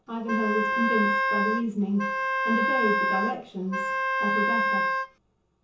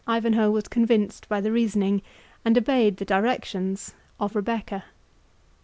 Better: second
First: background sound (Wind instrument, woodwind instrument); 4 dB above the speech // room echo; dies away in 0.6 s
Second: none

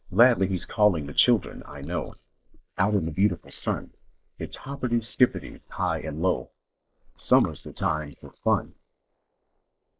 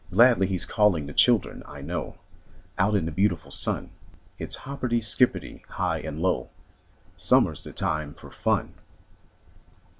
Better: second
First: noise reduction (neural mask model Resemble Enhance denoiser)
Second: none

